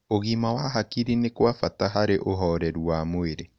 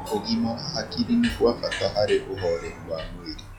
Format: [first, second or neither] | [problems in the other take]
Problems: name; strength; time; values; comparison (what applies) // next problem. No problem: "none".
first | noise reduction (classical method log-MMSE)